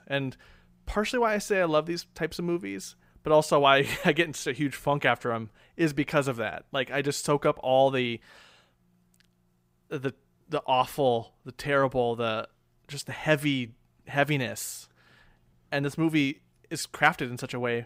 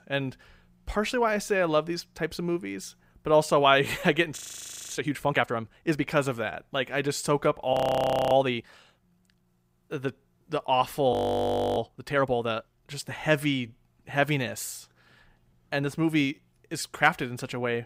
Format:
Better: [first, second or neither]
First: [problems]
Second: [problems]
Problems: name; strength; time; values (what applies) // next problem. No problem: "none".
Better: first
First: none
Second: audio freezing; at 4.5 s for 0.5 s, at 7.5 s for 0.5 s and at 11 s for 0.5 s